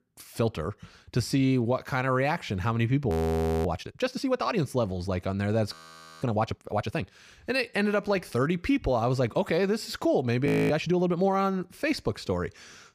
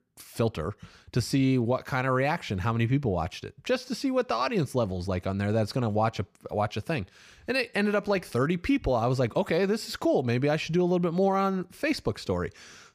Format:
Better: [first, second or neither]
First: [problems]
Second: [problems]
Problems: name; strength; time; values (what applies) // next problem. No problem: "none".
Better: second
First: audio freezing; at 3 s for 0.5 s, at 5.5 s and at 10 s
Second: none